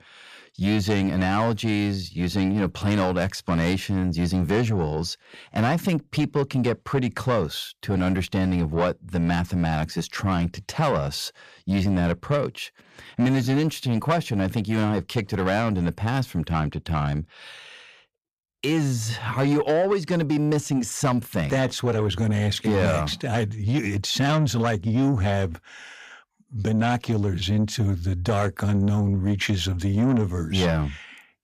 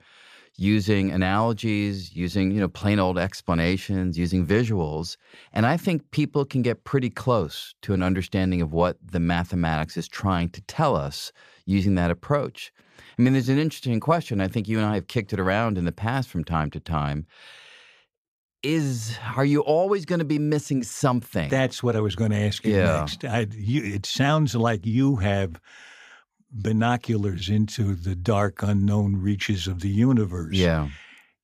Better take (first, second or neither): second